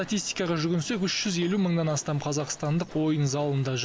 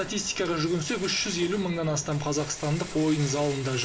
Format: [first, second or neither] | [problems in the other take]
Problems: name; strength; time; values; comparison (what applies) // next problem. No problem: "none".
first | background sound (Rattle); 15 dB below the speech // room echo; dies away in 0.7 s